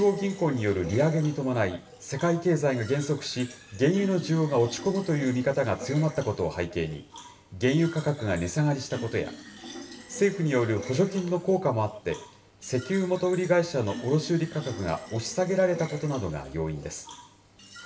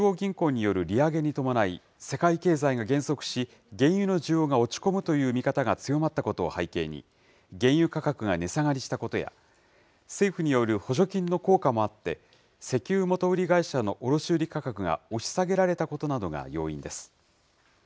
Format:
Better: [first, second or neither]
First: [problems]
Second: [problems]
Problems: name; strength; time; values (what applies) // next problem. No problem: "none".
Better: second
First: background sound (Fill (with liquid)); 17 dB below the speech // room echo; dies away in 0.6 s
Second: none